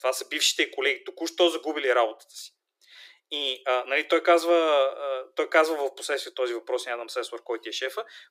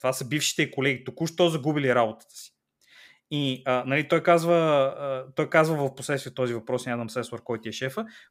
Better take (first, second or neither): second